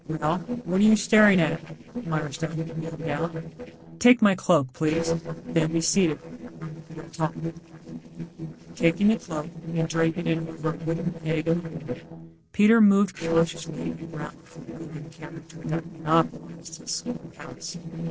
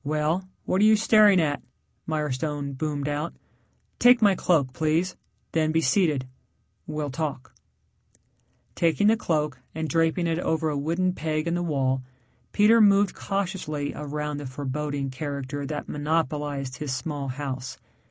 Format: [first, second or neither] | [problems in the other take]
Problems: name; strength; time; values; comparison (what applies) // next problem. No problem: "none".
second | noise reduction (neural separator model SepFormer DNS4)